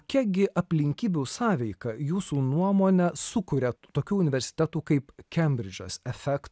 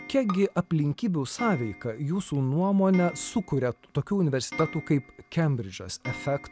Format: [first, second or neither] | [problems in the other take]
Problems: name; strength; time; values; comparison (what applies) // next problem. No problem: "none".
first | background sound (Bowed string instrument + Clock); 16 dB below the speech